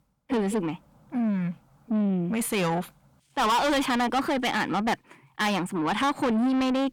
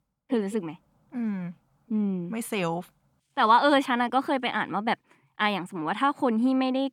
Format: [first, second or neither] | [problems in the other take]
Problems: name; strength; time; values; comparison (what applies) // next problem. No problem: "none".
second | distortion; heavy; 6 dB below the speech